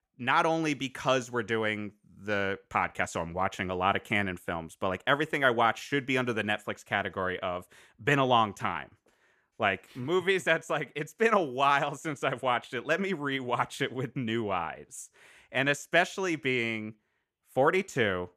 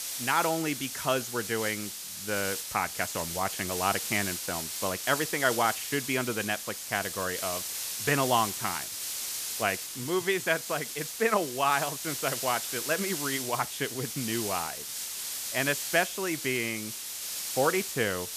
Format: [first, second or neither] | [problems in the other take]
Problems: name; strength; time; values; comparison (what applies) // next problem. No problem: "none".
first | hiss; loud; throughout; 3 dB below the speech